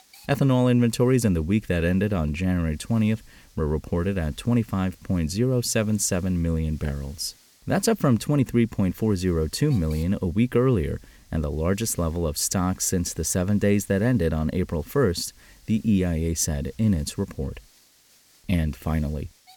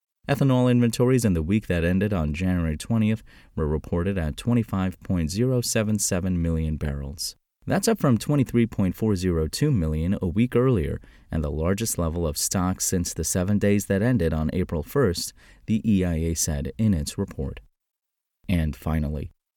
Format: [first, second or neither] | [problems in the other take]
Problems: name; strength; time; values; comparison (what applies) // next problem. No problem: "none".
second | hiss; faint; throughout; 30 dB below the speech